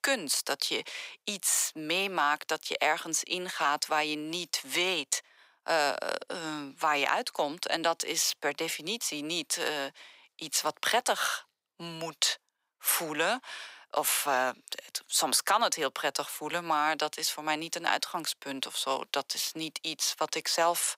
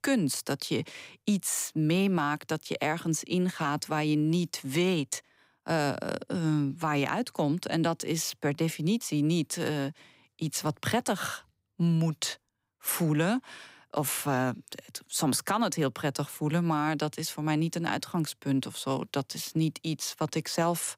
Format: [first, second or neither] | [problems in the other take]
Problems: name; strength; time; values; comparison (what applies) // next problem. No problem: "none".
second | thin; very; fading below 650 Hz